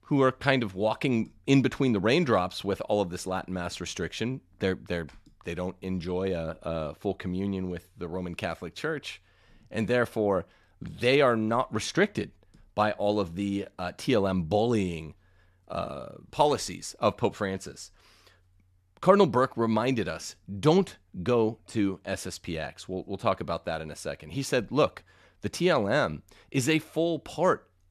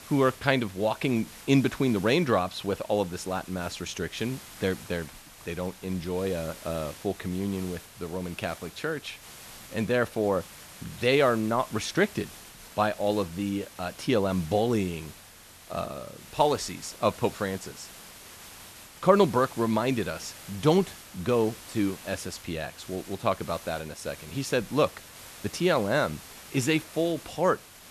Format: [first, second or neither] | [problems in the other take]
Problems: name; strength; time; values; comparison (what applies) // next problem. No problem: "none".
first | hiss; noticeable; throughout; 15 dB below the speech